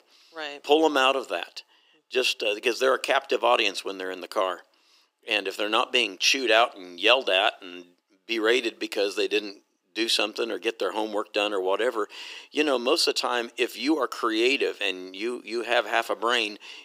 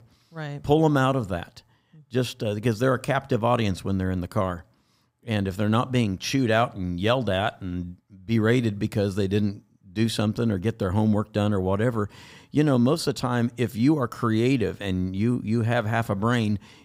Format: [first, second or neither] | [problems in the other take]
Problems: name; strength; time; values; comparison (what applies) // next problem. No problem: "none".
second | thin; very; fading below 350 Hz